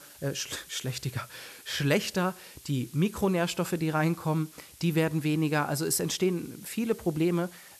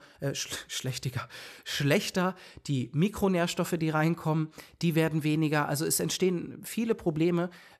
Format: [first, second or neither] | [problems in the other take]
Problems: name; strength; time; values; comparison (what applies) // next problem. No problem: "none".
second | hiss; faint; throughout; 20 dB below the speech